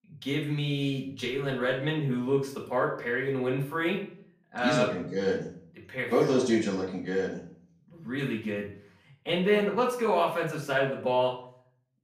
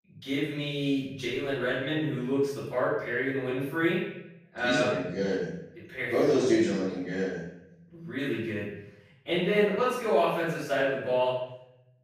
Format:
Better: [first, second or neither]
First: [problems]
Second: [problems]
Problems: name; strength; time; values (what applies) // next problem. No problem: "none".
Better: first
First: room echo; slight; dies away in 0.5 s // off-mic speech; far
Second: room echo; strong; dies away in 0.8 s // off-mic speech; far